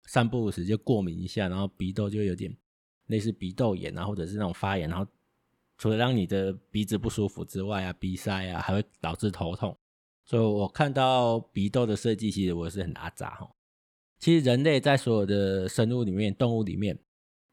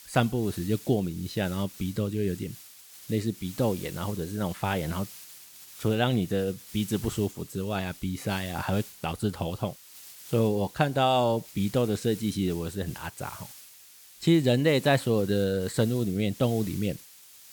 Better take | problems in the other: first | hiss; noticeable; throughout; 15 dB below the speech

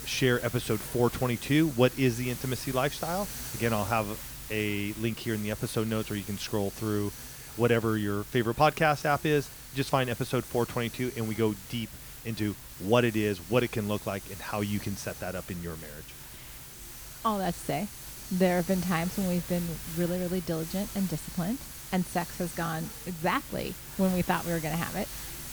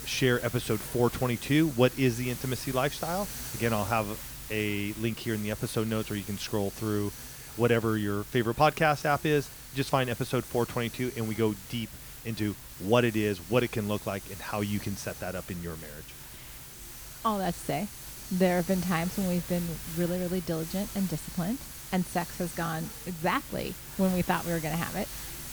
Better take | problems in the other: neither | hiss; noticeable; throughout; 10 dB below the speech; the same in both

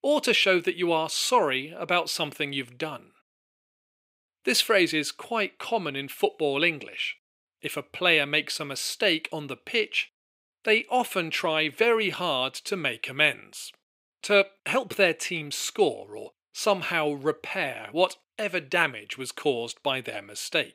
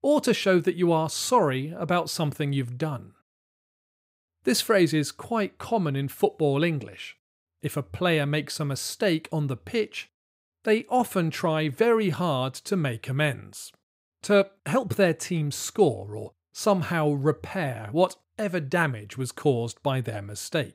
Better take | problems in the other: second | thin; somewhat; fading below 300 Hz

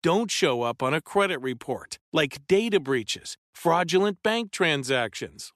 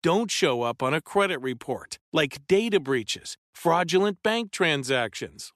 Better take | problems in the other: neither | none

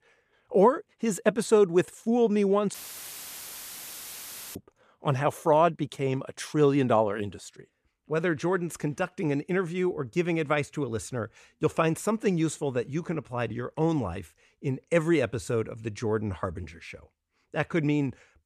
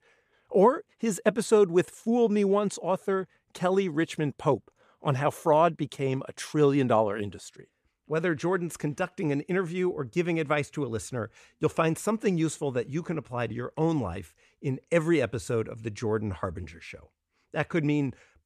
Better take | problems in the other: second | audio cutting out; filled with static; at 2.5 s for 2 s

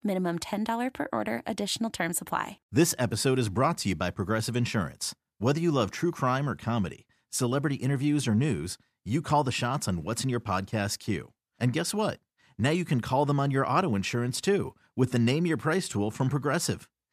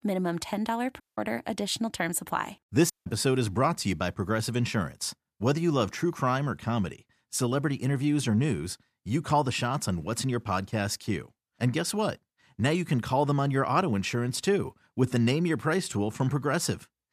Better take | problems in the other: first | audio cutting out; at 1 s and at 3 s

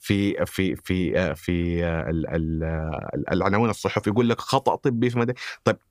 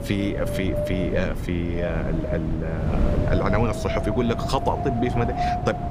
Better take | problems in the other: first | wind noise on the microphone; heavy; 1 dB below the speech

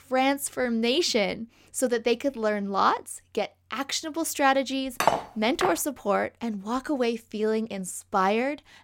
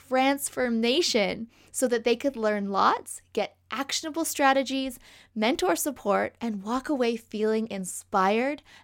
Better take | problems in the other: second | clattering dishes; loud; at 5 s; peak 1 dB above the speech

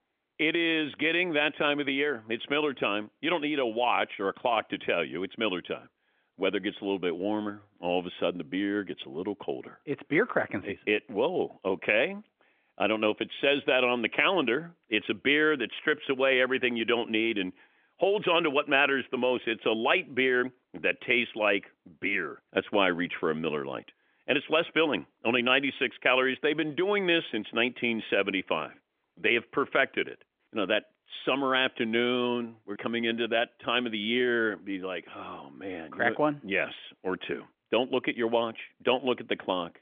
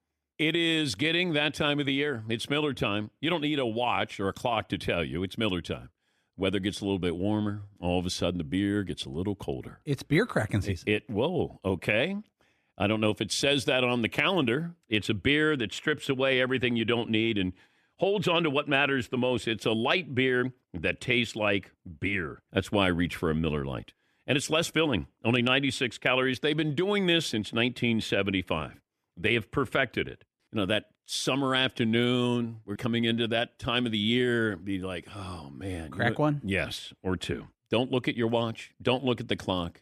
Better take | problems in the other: second | phone-call audio; nothing above 3.5 kHz

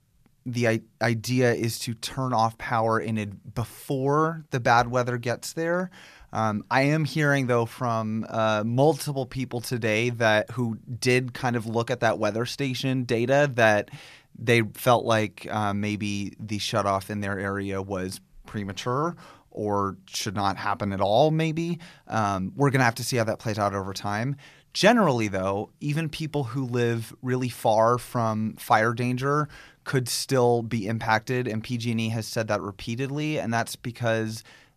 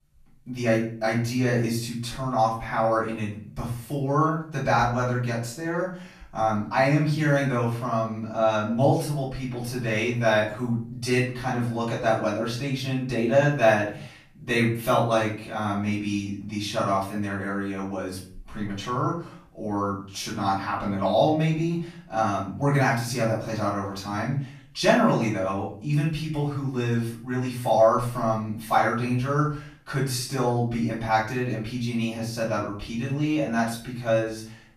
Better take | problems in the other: first | off-mic speech; far // room echo; noticeable; dies away in 0.4 s

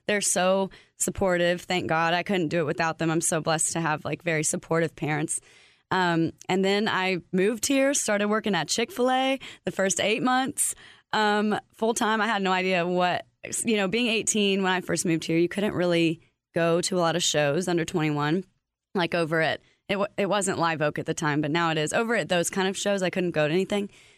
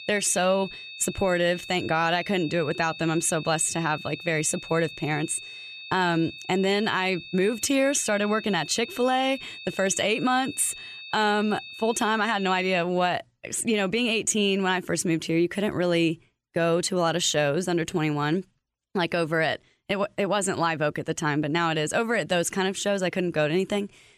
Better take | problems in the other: first | high-pitched whine; noticeable; until 13 s; 2.5 kHz, 15 dB below the speech

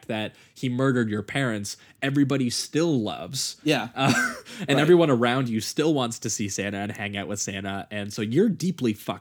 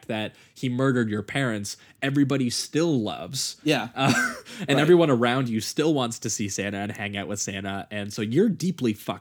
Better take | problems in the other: neither | none

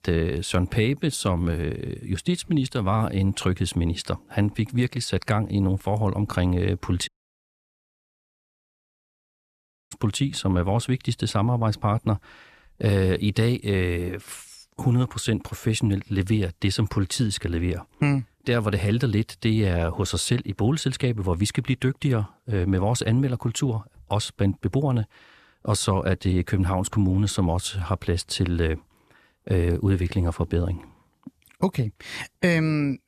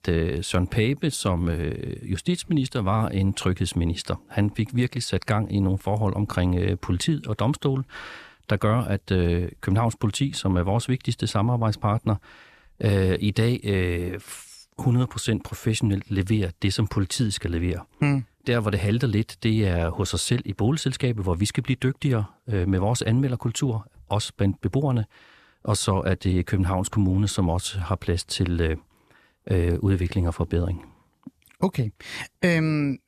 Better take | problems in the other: second | audio cutting out; at 7 s for 3 s

